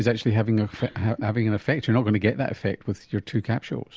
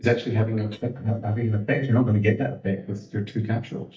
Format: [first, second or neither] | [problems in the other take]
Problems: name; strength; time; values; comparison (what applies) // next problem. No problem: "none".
first | noise reduction (neural mask model DeepFilterNet 3)